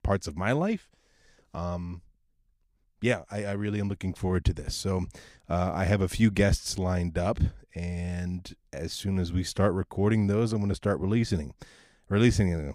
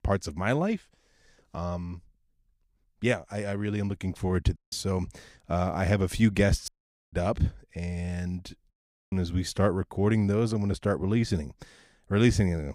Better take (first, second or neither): first